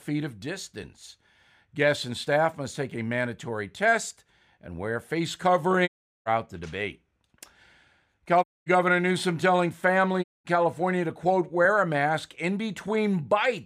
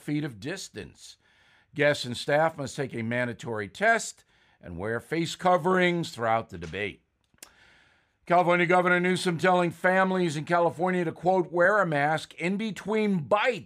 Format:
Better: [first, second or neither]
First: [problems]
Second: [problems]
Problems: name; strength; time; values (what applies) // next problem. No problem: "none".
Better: second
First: audio cutting out; at 6 s, at 8.5 s and at 10 s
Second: none